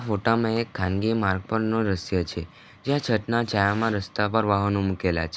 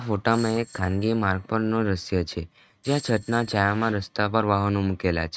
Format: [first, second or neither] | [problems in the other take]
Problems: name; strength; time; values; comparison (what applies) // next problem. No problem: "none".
first | noise reduction (neural mask model RNNoise)